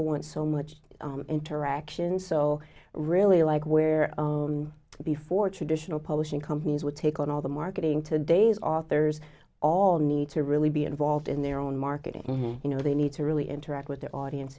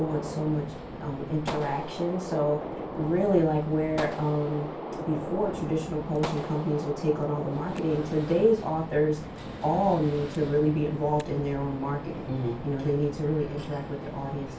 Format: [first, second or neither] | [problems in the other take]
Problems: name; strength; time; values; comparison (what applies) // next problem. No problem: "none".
first | background sound (Gunshot, gunfire); 9 dB below the speech // room echo; dies away in 0.3 s